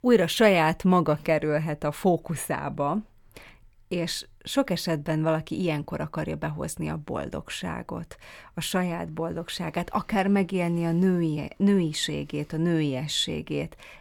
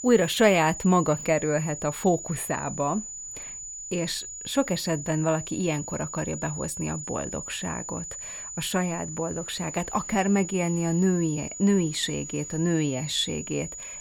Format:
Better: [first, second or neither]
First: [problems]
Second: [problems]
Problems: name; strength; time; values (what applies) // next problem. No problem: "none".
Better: first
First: none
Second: high-pitched whine; loud; throughout; 7 kHz, 9 dB below the speech